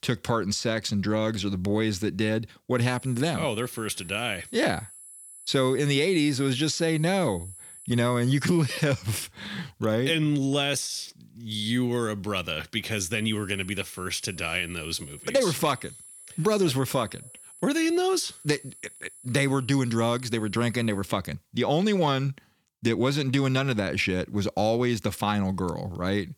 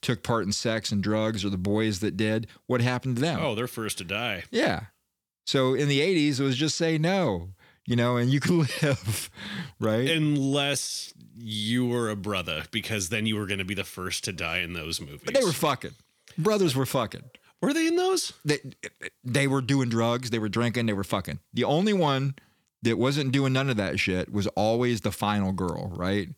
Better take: second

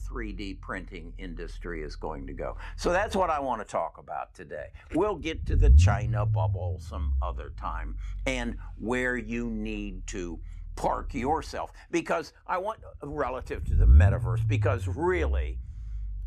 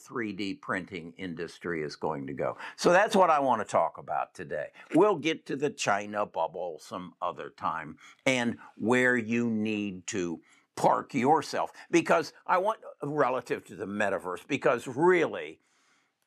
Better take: second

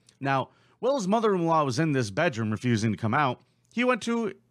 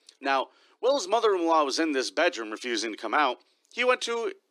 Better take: first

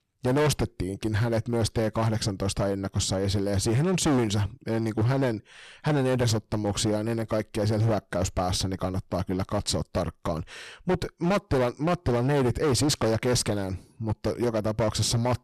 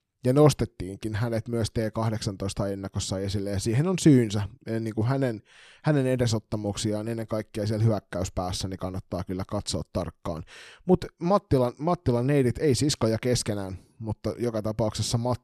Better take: second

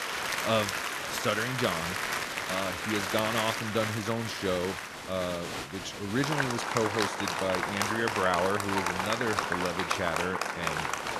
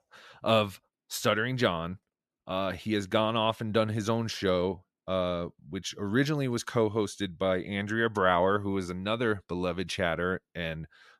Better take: second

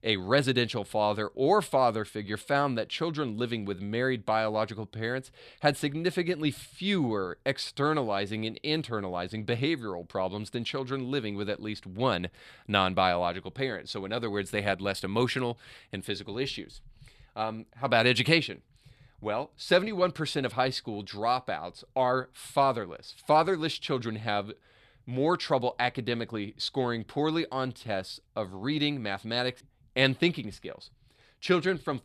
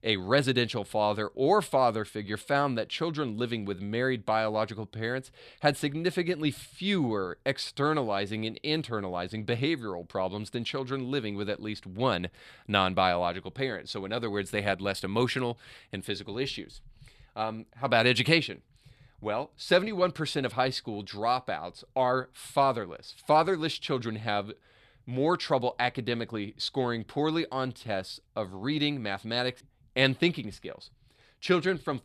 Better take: neither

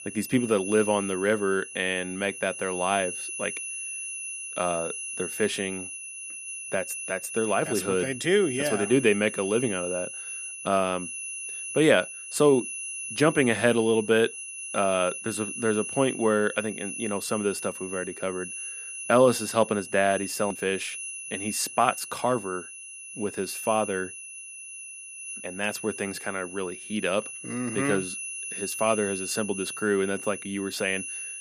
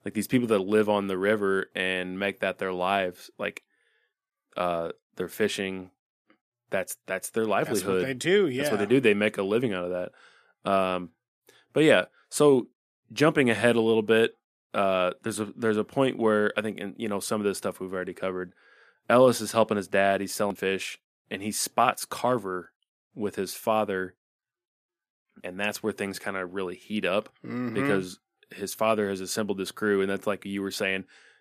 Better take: second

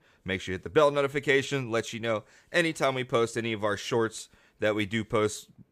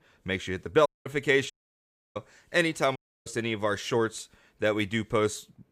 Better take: first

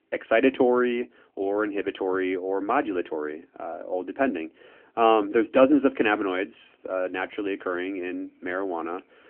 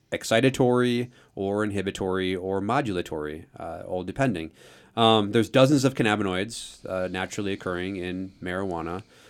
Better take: second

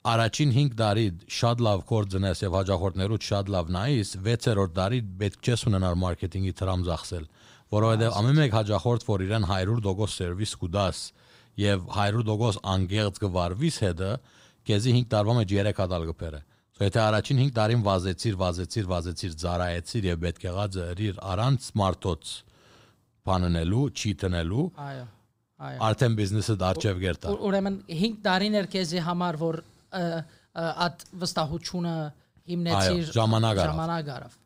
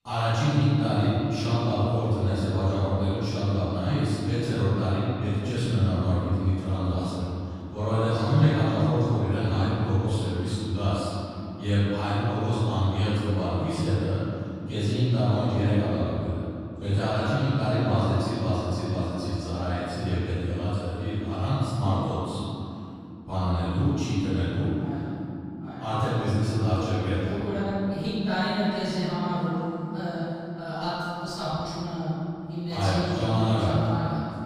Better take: first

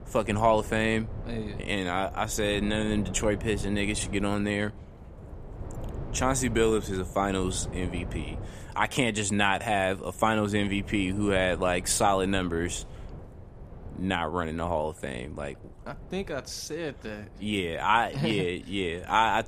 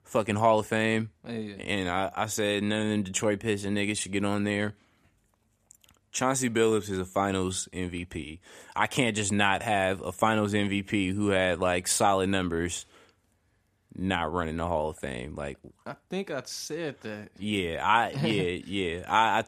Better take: second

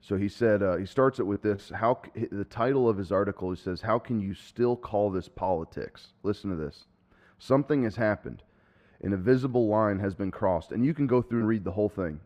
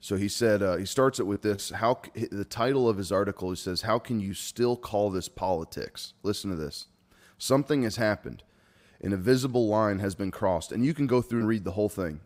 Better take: second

